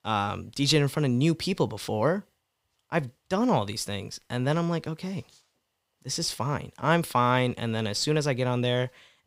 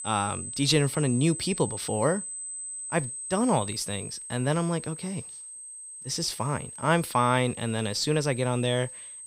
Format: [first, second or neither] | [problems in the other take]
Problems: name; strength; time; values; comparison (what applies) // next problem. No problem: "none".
first | high-pitched whine; loud; throughout; 8 kHz, 9 dB below the speech